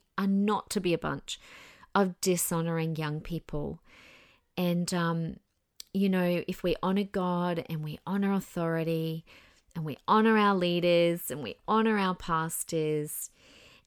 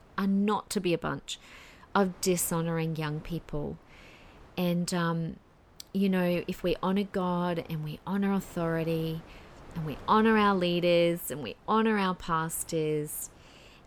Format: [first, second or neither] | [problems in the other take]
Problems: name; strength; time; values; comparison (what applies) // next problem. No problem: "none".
first | wind noise on the microphone; occasional gusts; 25 dB below the speech